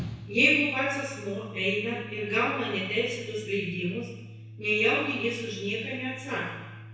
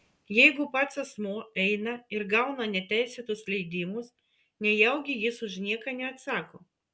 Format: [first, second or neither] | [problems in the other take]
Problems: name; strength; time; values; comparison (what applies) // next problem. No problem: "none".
second | background sound (Organ); 15 dB below the speech // room echo; dies away in 1 s